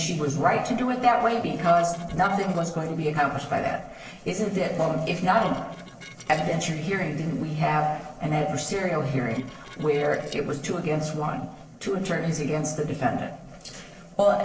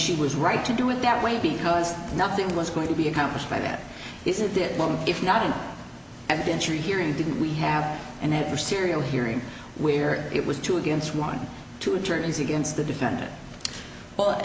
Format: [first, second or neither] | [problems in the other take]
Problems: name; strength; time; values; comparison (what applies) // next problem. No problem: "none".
second | noise reduction (neural separator model SepFormer DNS4)